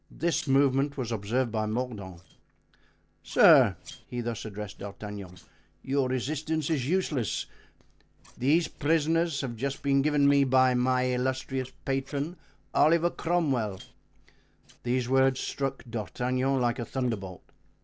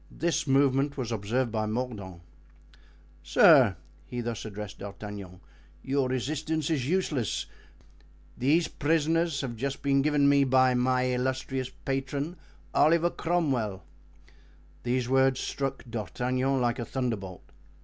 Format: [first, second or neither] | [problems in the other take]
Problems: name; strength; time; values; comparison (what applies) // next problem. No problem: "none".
second | noise reduction (neural separator model SepFormer DNS4)